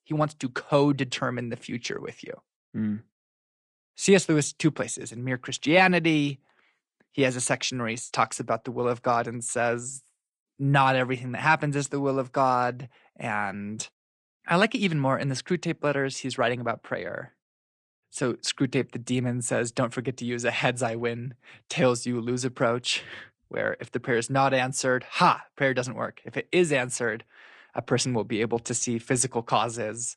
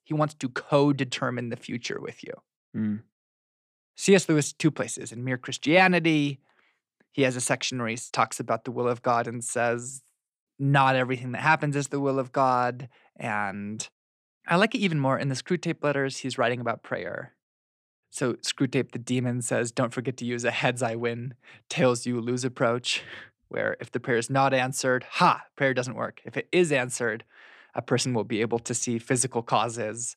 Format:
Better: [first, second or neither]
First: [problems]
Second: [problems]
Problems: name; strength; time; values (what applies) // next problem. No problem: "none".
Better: second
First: garbled, watery; slightly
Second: none